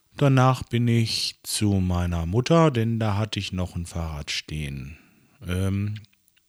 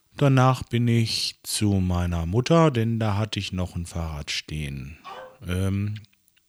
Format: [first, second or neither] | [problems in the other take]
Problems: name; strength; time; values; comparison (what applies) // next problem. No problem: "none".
first | dog barking; faint; at 5 s; peak 15 dB below the speech